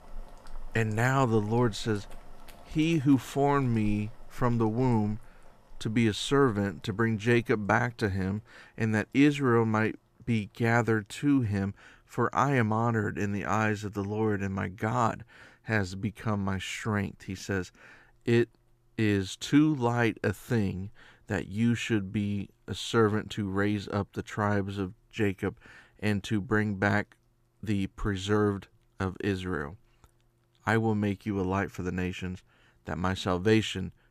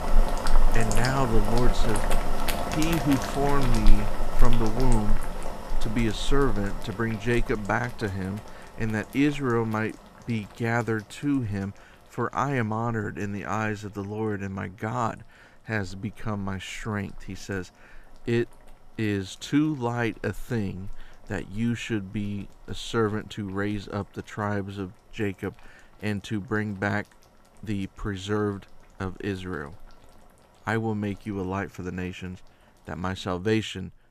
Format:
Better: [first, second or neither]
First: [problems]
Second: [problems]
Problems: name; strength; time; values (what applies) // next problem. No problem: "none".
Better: first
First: household noises; faint; throughout; 25 dB below the speech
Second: household noises; loud; throughout; 2 dB below the speech